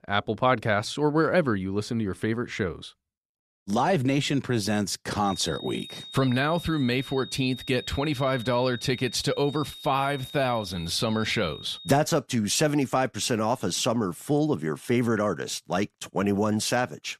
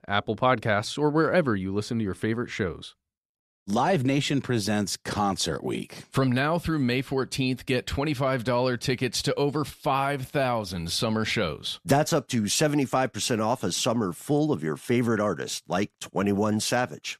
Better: second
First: high-pitched whine; noticeable; from 5.5 to 12 s; 3.5 kHz, 15 dB below the speech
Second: none

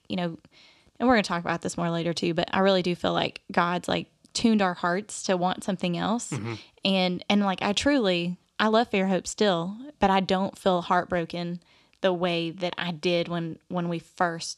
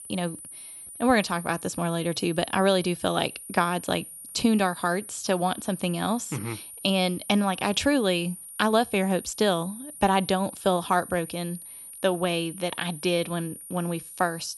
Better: first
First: none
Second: high-pitched whine; noticeable; throughout; 9.5 kHz, 15 dB below the speech

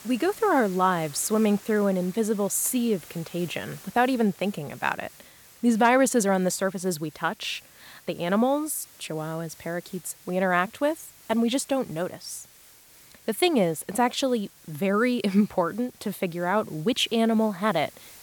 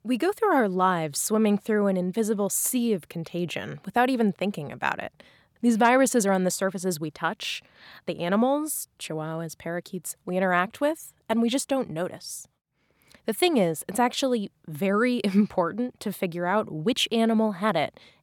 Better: second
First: hiss; faint; throughout; 20 dB below the speech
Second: none

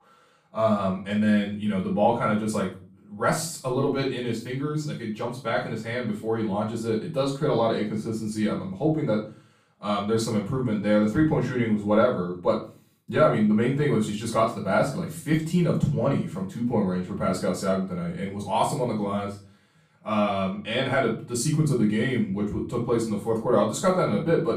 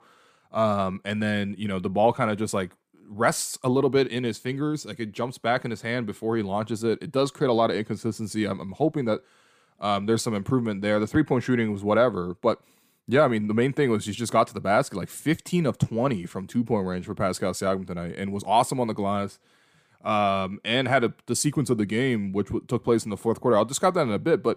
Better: second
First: off-mic speech; far // room echo; slight; dies away in 0.3 s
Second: none

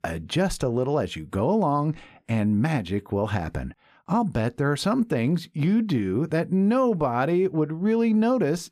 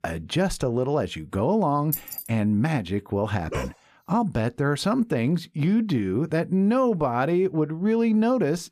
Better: first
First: none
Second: jangling keys; noticeable; at 2 s; peak 6 dB below the speech // dog barking; faint; at 3.5 s; peak 10 dB below the speech

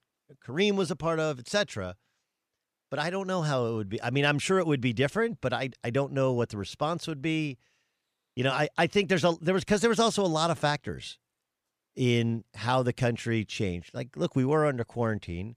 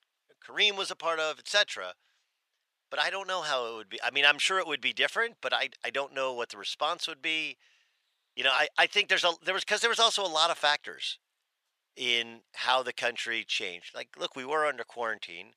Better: first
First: none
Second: thin; very; fading below 750 Hz

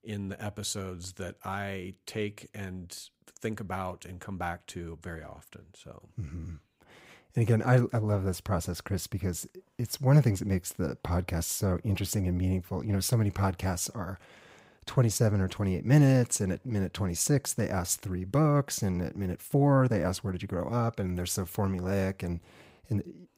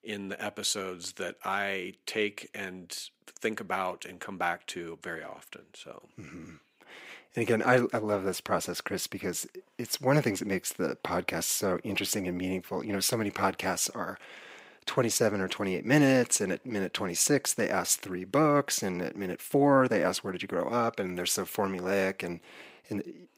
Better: first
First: none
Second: thin; somewhat; fading below 300 Hz

